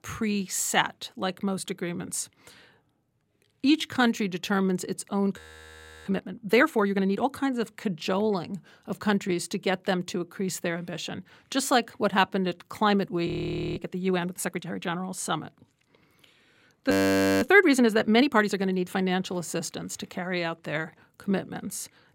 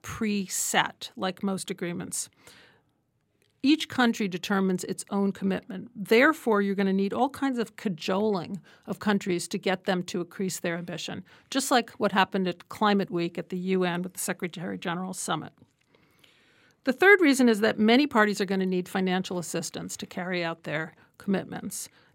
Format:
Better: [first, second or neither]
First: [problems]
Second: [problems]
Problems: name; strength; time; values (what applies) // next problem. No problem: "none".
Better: second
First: audio freezing; at 5.5 s for 0.5 s, at 13 s and at 17 s for 0.5 s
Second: none